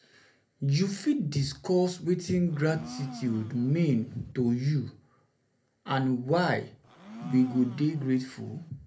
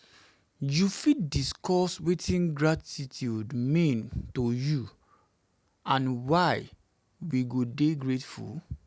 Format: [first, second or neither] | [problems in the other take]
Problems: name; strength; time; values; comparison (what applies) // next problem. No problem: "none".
second | background sound (Domestic sounds, home sounds); 16 dB below the speech // room echo; dies away in 0.3 s